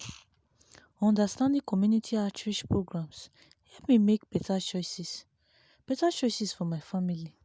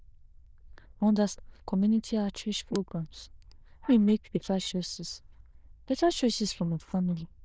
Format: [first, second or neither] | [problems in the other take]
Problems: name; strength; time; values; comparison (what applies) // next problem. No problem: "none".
first | noise reduction (neural diffusion model UNIVERSE++)